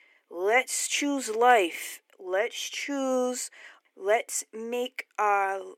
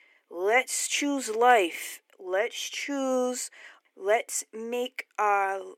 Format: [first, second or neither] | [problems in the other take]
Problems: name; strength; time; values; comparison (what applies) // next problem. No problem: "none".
neither | thin; somewhat; fading below 300 Hz; the same in both